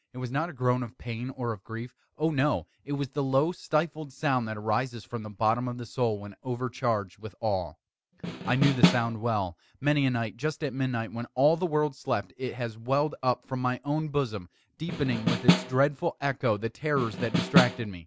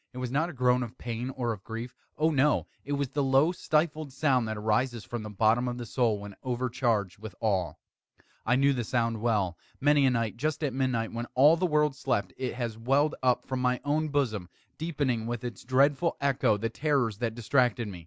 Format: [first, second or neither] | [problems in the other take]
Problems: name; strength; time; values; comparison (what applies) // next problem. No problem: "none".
second | background sound (Snare drum); 2 dB above the speech